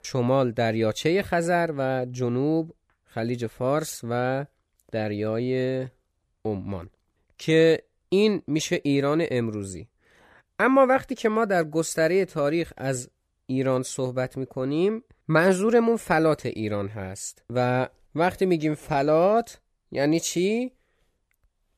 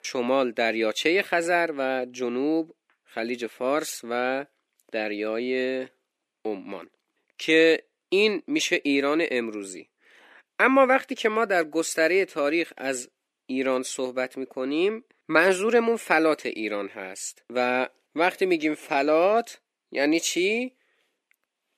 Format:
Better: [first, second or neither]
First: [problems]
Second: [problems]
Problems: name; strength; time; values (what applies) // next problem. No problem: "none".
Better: first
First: none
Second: thin; very slightly; fading below 250 Hz